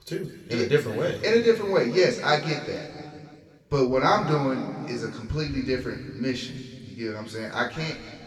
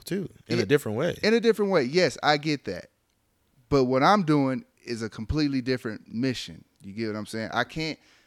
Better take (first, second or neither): second